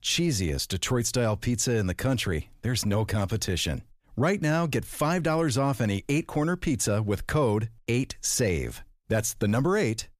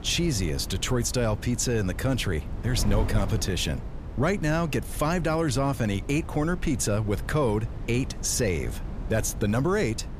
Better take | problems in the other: first | wind noise on the microphone; occasional gusts; 15 dB below the speech

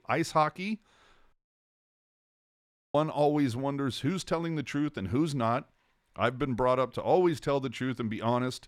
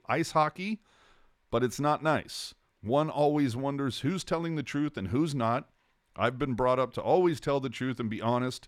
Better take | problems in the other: second | audio cutting out; at 1.5 s for 1.5 s

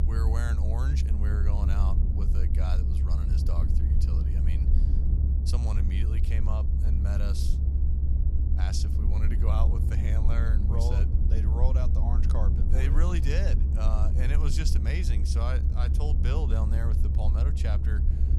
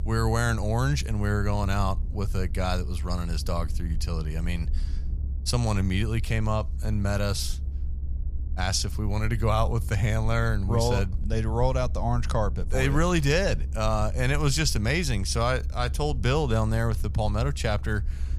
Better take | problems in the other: second | low rumble; loud; throughout; 3 dB below the speech; faint in the second

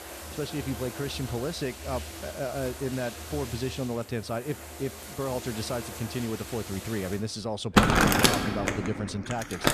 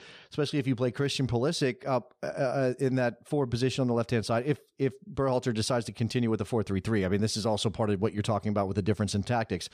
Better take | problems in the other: second | household noises; very loud; throughout; 3 dB above the speech

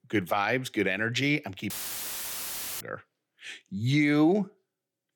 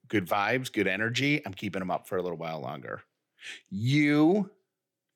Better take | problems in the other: second | audio cutting out; filled with static; at 1.5 s for 1 s

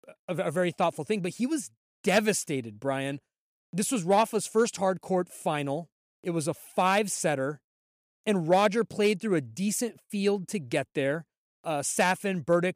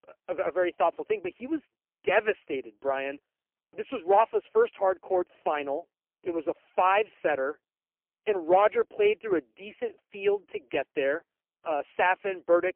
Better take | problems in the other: first | phone-call audio; poor line; nothing above 3 kHz

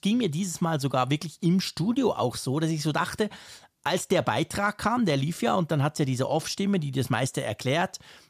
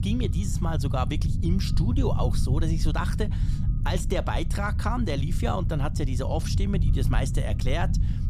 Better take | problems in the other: first | low rumble; loud; throughout; 9 dB below the speech

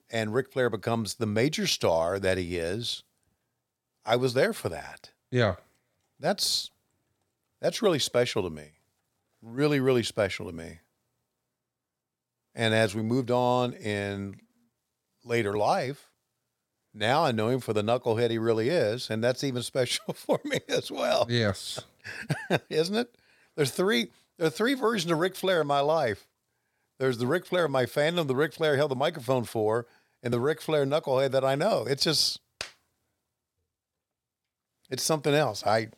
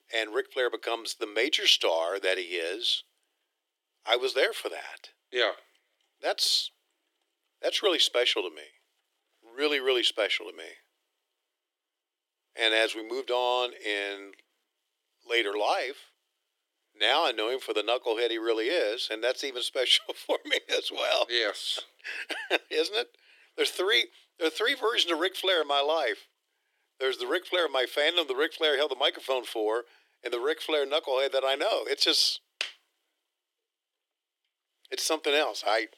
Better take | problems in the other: first | thin; very; fading below 300 Hz

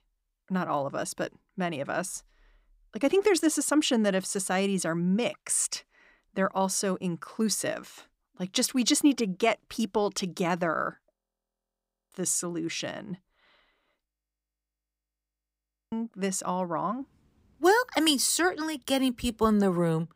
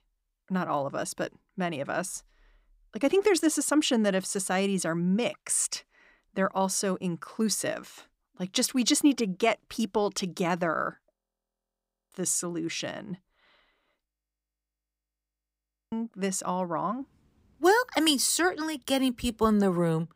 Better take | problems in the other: neither | audio freezing; at 11 s for 1 s and at 14 s for 2 s; the same in both

